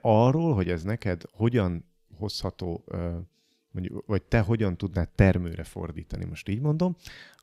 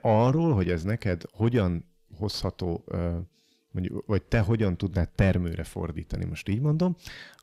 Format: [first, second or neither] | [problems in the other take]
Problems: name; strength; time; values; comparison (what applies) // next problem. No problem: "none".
first | distortion; slight; 10 dB below the speech